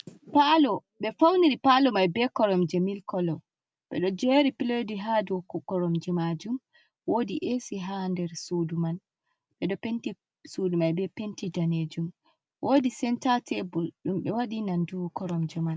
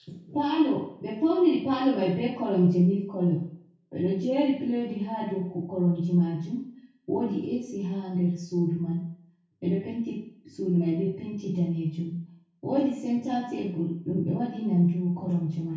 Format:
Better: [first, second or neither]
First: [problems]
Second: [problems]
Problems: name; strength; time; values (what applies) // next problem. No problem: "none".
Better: first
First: none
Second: room echo; dies away in 0.5 s